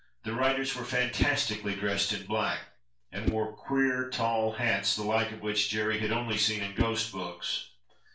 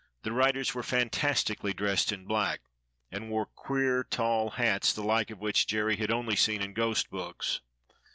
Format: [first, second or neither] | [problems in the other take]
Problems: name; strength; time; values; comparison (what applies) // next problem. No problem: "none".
second | background sound (Whoosh, swoosh, swish); 9 dB below the speech // room echo; dies away in 0.3 s